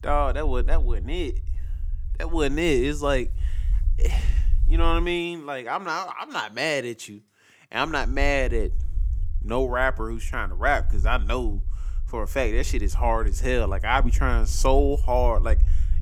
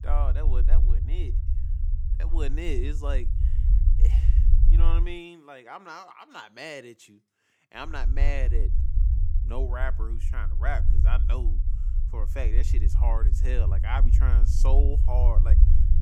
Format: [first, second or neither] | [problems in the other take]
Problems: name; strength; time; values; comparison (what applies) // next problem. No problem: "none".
first | low rumble; loud; until 5 s and from 8 s on; 8 dB below the speech; faint in the first